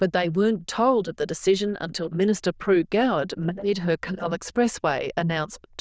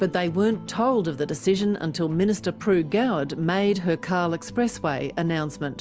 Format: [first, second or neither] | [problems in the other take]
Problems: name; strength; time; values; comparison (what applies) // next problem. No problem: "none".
second | noise reduction (neural diffusion model UNIVERSE++)